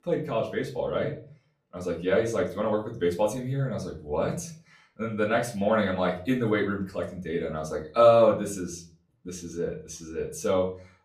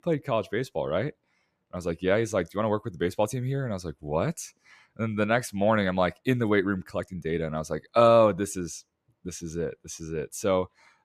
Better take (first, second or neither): second